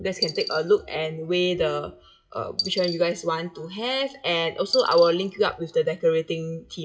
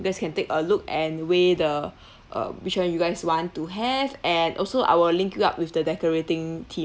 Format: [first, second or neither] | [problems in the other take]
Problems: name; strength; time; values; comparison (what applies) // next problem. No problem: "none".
second | noise reduction (classical method WPE with log-MMSE)